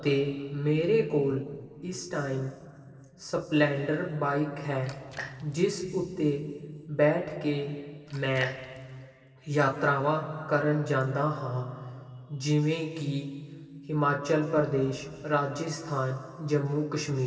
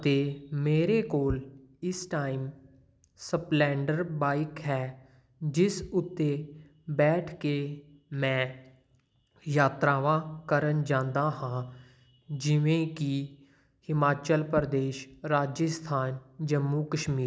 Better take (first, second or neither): second